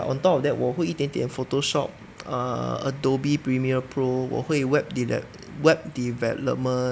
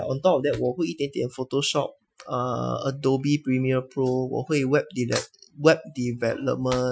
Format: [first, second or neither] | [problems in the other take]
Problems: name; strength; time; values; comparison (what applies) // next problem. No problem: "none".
first | noise reduction (classical method Wiener filter)